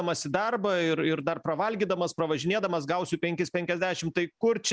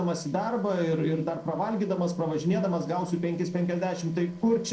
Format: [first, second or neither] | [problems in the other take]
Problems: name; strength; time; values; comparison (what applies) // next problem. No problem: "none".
first | noise reduction (neural separator model SepFormer DNS4)